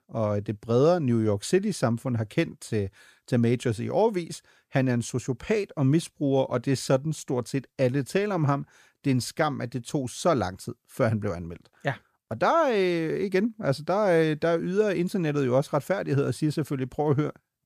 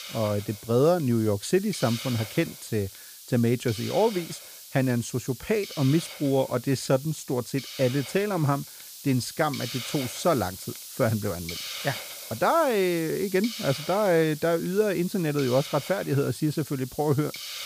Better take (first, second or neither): first